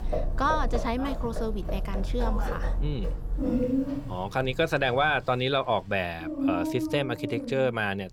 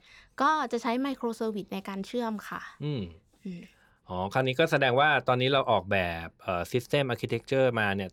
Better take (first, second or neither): second